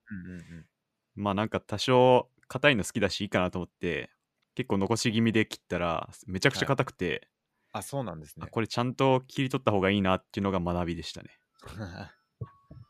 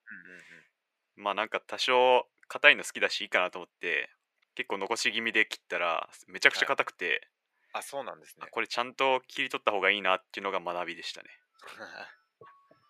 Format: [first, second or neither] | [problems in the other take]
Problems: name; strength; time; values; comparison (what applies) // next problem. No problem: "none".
first | thin; very; fading below 550 Hz